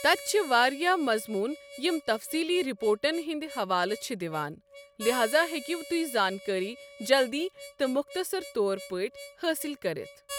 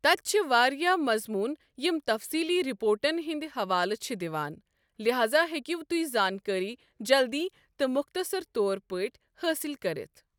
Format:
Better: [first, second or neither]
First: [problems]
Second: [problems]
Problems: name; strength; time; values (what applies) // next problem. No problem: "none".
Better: second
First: background sound (Harmonica); 16 dB below the speech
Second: none